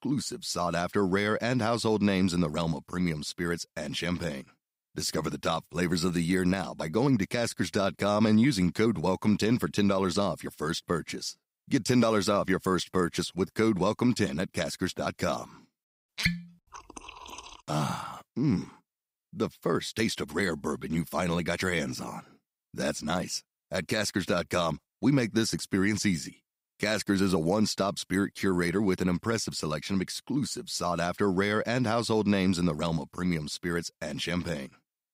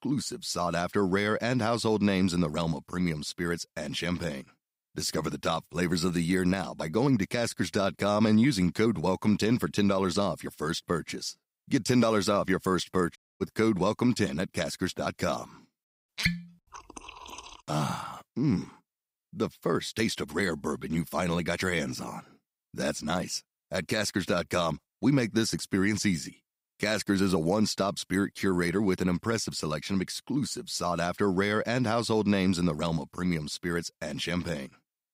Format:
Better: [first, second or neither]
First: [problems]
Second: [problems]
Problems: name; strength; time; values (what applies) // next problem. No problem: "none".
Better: first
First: none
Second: audio cutting out; at 13 s